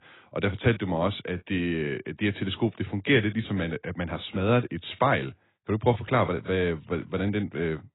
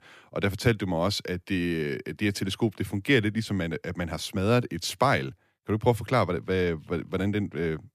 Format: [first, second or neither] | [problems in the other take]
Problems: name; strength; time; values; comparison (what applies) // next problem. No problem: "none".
second | garbled, watery; badly; nothing above 4 kHz